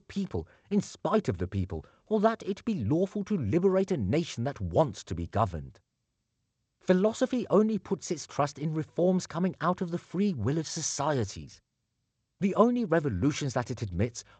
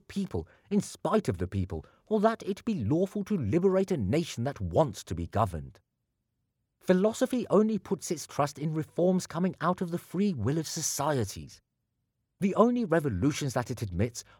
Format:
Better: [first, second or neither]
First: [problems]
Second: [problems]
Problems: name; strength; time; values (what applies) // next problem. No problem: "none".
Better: second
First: garbled, watery; slightly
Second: none